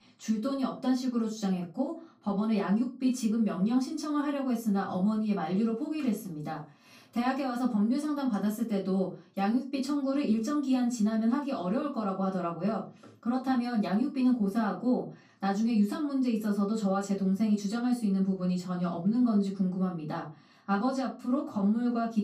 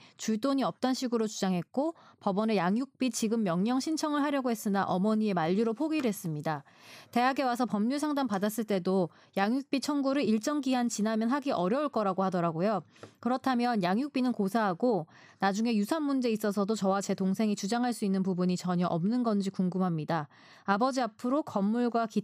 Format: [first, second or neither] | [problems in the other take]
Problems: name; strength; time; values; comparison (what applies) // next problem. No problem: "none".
second | off-mic speech; far // room echo; very slight; dies away in 0.3 s